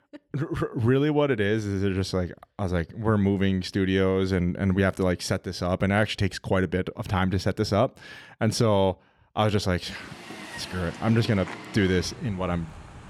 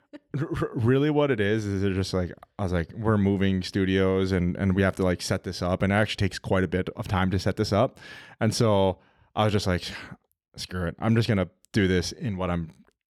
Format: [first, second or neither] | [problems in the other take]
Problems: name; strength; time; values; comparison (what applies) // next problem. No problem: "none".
second | traffic noise; noticeable; from 10 s on; 15 dB below the speech